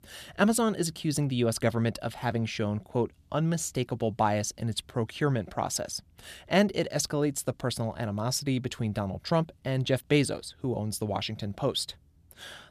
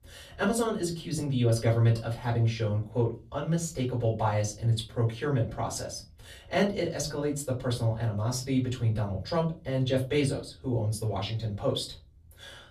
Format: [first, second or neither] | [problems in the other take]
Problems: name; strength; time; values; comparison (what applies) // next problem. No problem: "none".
first | off-mic speech; far // room echo; very slight; dies away in 0.3 s